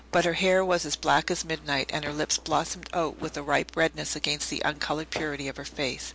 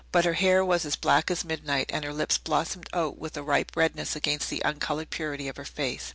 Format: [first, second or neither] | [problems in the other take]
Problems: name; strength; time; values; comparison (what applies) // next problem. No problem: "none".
second | background sound (Walk, footsteps); 19 dB below the speech